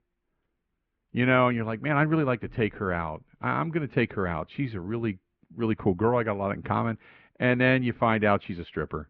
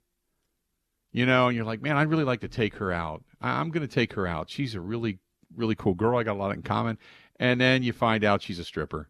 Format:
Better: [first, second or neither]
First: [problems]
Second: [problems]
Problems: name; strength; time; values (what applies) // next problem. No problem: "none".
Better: second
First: muffled; very; fading above 2.5 kHz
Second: none